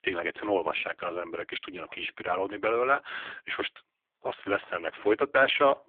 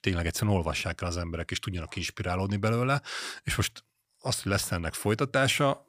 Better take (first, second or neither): second